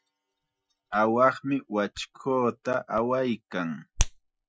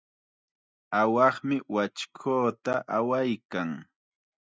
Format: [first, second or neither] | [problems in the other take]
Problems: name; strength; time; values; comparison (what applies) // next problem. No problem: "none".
second | noise reduction (classical method Wiener filter)